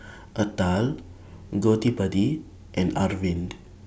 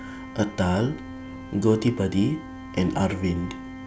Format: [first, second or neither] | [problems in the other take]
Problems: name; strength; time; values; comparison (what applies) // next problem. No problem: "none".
first | background sound (Organ); 14 dB below the speech